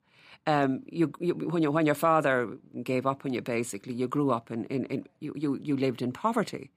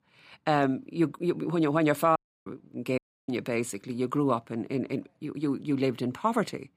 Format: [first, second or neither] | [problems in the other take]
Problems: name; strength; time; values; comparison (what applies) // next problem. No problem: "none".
first | audio cutting out; at 2 s and at 3 s